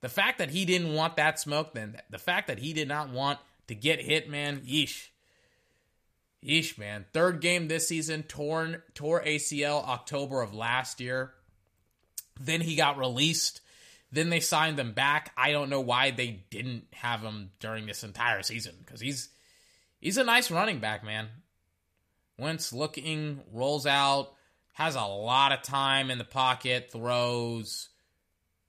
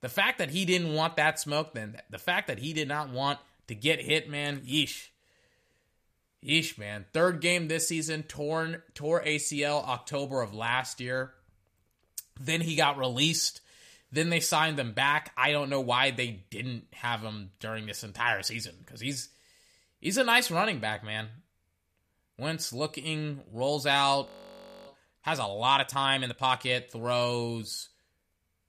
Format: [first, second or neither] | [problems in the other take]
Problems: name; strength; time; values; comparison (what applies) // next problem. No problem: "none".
first | audio freezing; at 24 s for 0.5 s